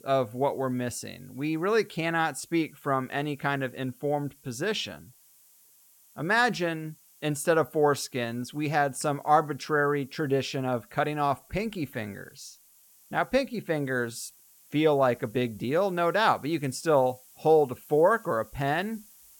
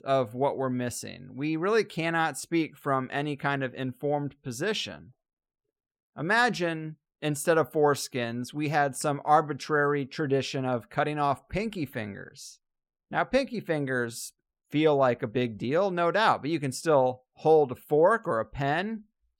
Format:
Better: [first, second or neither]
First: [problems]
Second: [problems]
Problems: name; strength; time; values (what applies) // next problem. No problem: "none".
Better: second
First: hiss; faint; throughout; 25 dB below the speech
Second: none